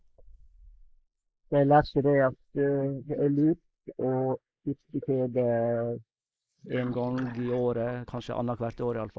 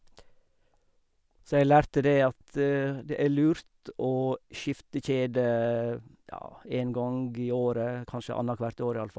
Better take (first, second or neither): second